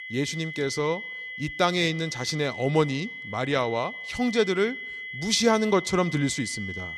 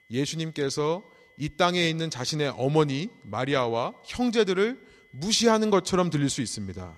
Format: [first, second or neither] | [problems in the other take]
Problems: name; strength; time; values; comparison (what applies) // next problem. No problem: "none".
second | high-pitched whine; loud; throughout; 2 kHz, 9 dB below the speech; faint in the second